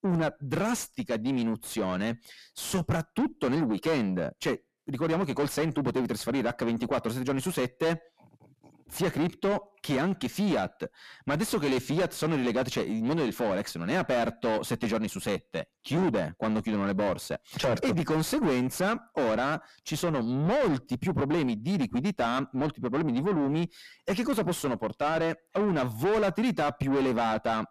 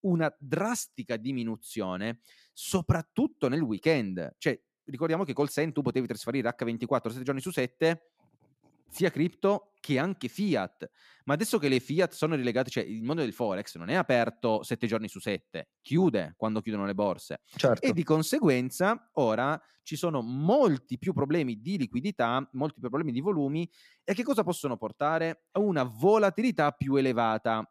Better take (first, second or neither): second